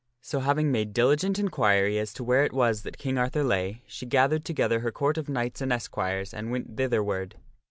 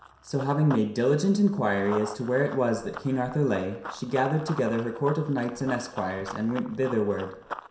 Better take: first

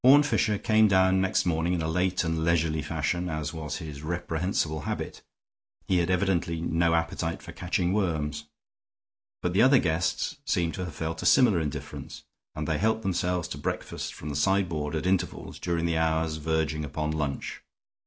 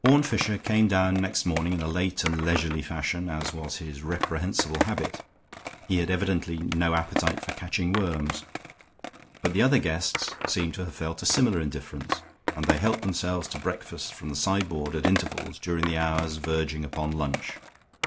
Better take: first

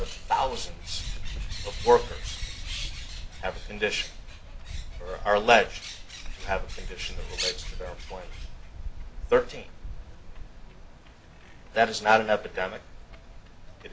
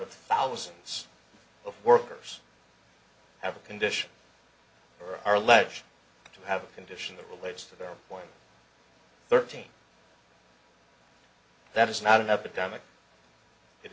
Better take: second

